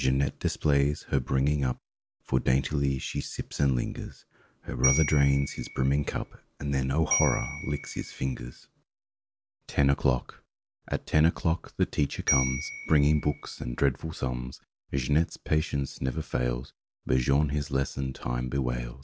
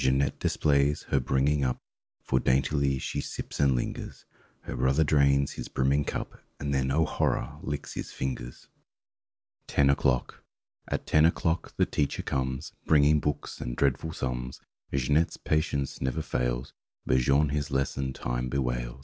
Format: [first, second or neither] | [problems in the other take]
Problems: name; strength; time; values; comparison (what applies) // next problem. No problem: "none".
second | background sound (Bell); 7 dB below the speech